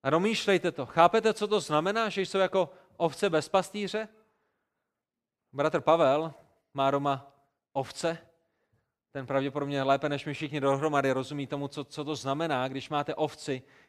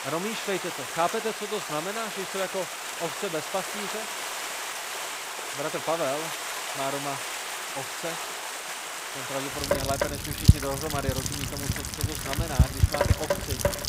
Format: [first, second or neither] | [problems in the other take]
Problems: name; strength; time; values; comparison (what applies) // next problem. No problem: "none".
first | rain or running water; very loud; throughout; 4 dB above the speech